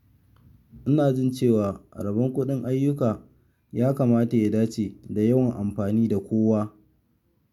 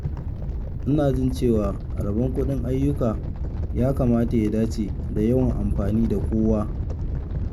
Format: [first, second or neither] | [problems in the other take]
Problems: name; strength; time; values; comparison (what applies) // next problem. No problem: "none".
first | background sound (Animal); 3 dB below the speech